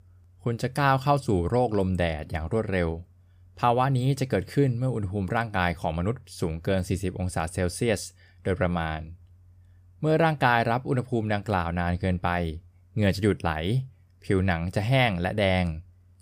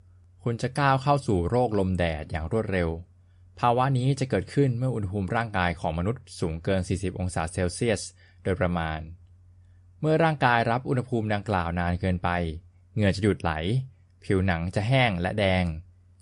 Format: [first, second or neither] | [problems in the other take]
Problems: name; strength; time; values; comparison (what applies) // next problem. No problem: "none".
first | garbled, watery; slightly; nothing above 10.5 kHz